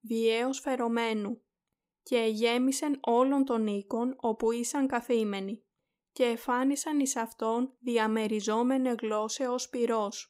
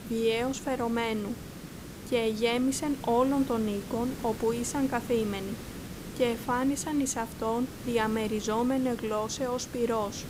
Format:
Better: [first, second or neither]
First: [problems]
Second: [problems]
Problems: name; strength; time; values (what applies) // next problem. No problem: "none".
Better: first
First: none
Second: hiss; noticeable; throughout; 10 dB below the speech